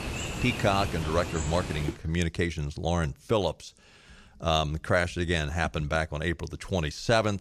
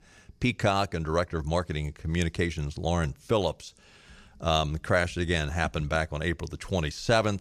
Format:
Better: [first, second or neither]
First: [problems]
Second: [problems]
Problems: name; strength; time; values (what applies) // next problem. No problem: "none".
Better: second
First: animal sounds; loud; until 2 s; 6 dB below the speech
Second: none